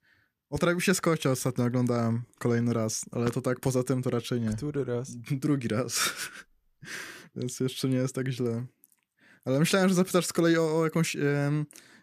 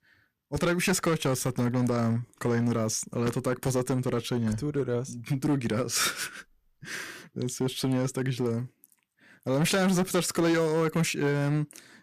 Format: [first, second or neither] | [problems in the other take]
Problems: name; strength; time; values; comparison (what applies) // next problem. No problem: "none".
first | distortion; slight; 7% of the sound clipped